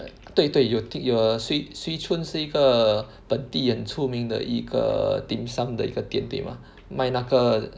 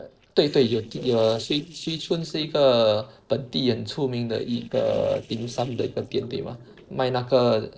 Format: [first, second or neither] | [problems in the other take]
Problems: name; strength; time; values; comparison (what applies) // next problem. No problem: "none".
first | noise reduction (neural separator model SepFormer DNS4)